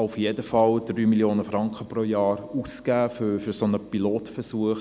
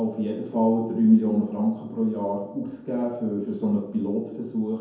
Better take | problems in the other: first | room echo; dies away in 0.9 s

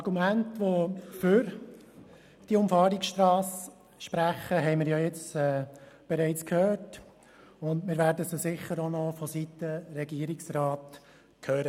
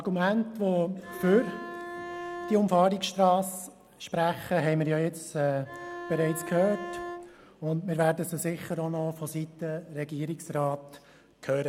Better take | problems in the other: first | background sound (Bowed string instrument); 10 dB below the speech

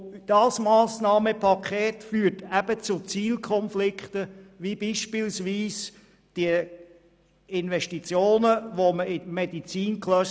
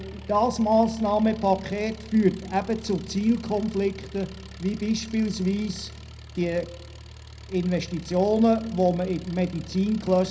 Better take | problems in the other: first | background sound (Engine); 17 dB below the speech // room echo; dies away in 0.4 s

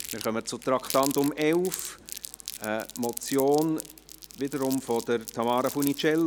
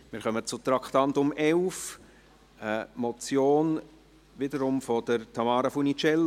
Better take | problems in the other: second | background sound (Crumpling, crinkling); 13 dB below the speech

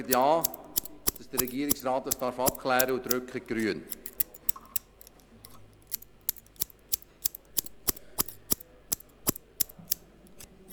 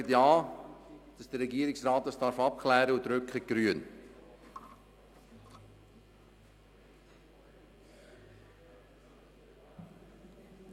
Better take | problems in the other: second | background sound (Scissors); 1 dB below the speech

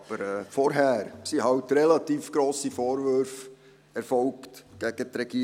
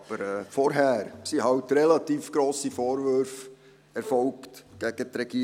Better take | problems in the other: first | background sound (Bowed string instrument); 17 dB below the speech

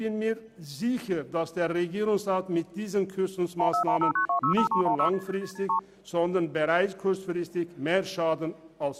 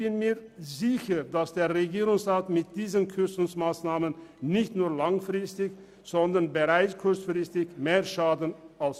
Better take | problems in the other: second | background sound (Telephone); 2 dB above the speech

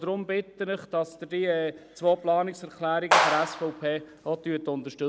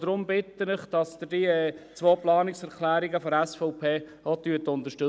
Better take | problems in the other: second | background sound (Clapping); 2 dB above the speech

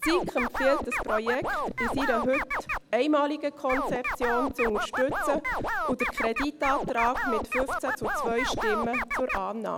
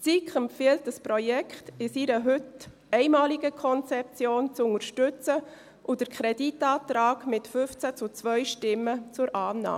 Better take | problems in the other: second | background sound (Scratching (performance technique)); 1 dB below the speech

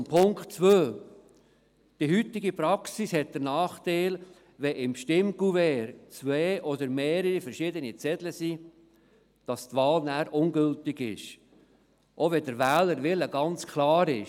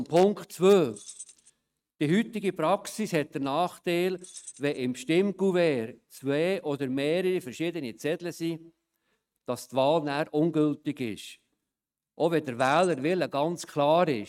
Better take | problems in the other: first | noise reduction (neural mask model RNNoise)

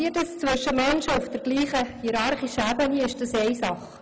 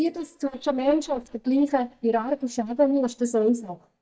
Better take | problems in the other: first | noise reduction (neural mask model DeepFilterNet 3)

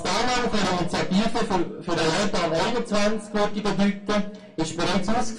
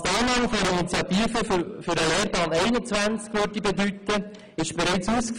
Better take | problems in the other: second | room echo; dies away in 0.3 s

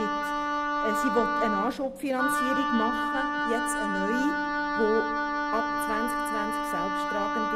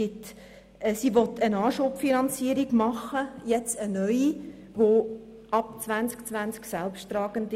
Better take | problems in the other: second | background sound (Wind instrument, woodwind instrument); 3 dB above the speech

